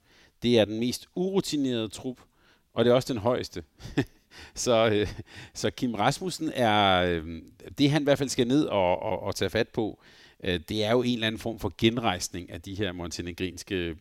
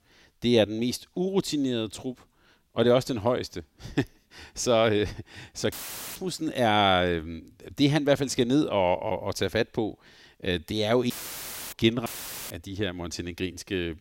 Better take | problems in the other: first | audio cutting out; filled with static; at 5.5 s, at 11 s for 0.5 s and at 12 s

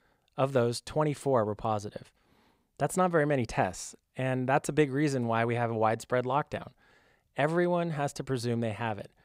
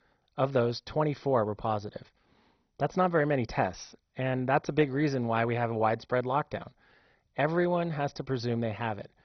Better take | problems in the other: first | garbled, watery; badly; nothing above 6 kHz

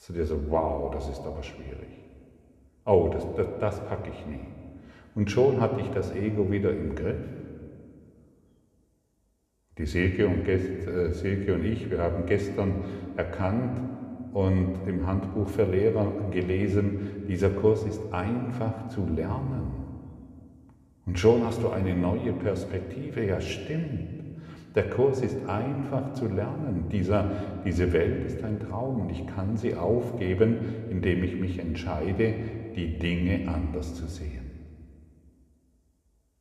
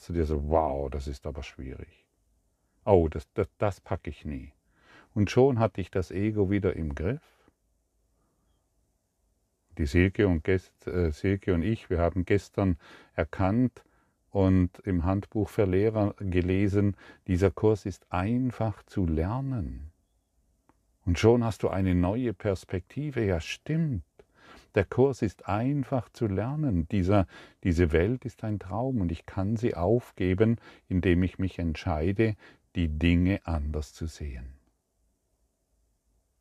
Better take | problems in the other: second | room echo; slight; dies away in 1.6 s

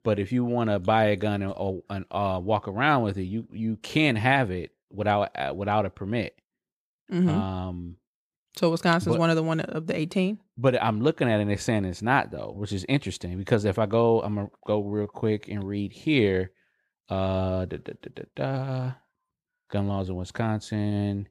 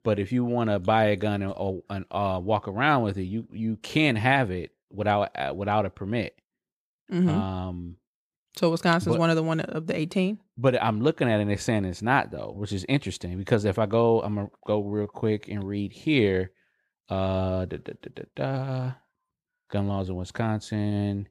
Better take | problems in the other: neither | none

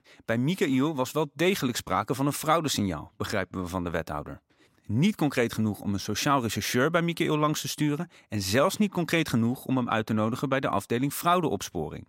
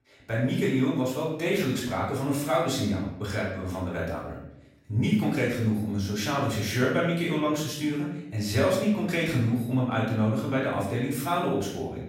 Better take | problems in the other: first | off-mic speech; far // room echo; noticeable; dies away in 0.7 s

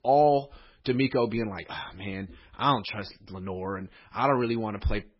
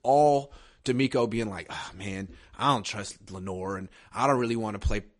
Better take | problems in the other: second | garbled, watery; badly; nothing above 5.5 kHz; slightly in the second

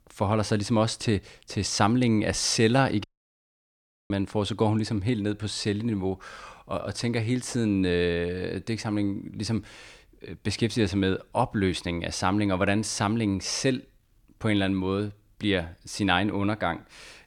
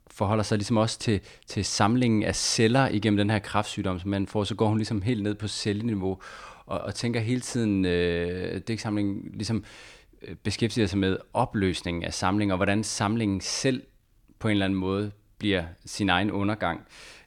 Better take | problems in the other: second | audio cutting out; at 3 s for 1 s

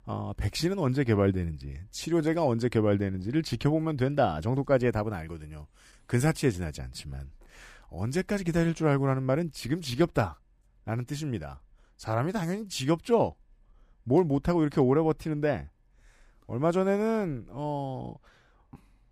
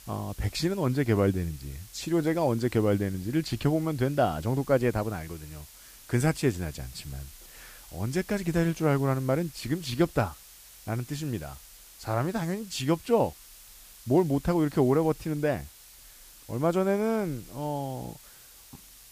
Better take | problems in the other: first | hiss; faint; throughout; 20 dB below the speech

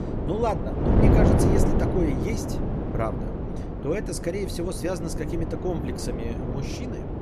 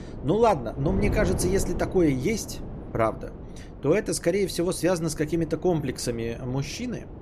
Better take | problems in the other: second | wind noise on the microphone; heavy; as loud as the speech; occasional gusts in the second

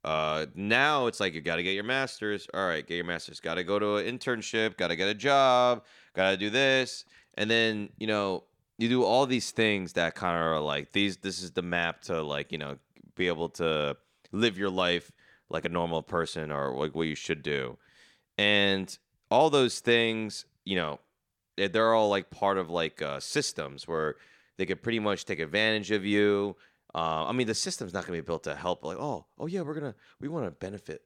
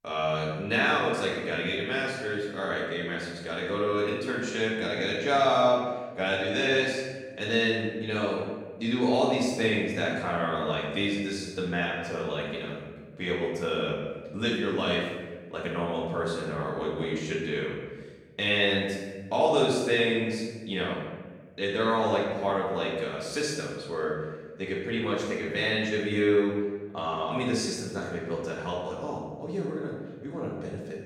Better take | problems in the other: first | room echo; noticeable; dies away in 1.2 s // off-mic speech; far

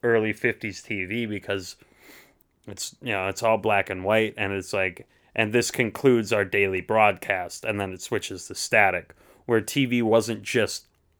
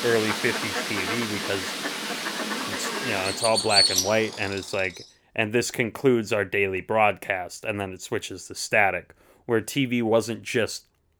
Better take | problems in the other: first | animal sounds; very loud; until 4.5 s; as loud as the speech

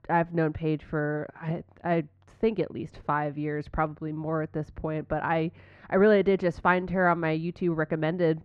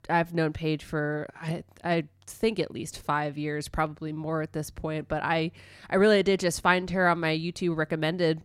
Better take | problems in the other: second | muffled; very; fading above 1.5 kHz

